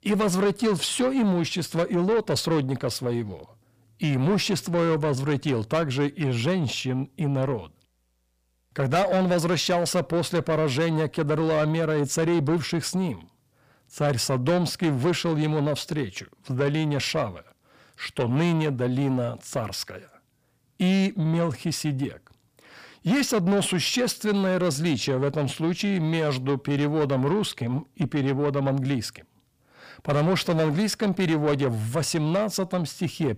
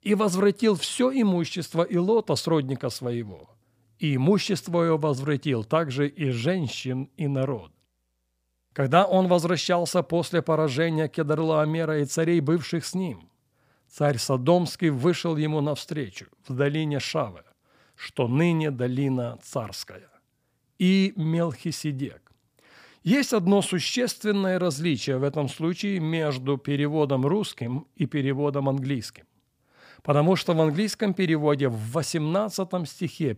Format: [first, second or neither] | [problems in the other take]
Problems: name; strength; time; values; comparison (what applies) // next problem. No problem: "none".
second | distortion; slight; 10 dB below the speech